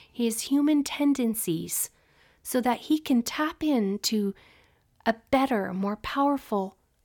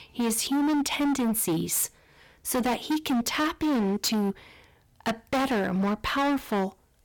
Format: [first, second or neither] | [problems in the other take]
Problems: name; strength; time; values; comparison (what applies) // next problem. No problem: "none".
first | distortion; heavy; 23% of the sound clipped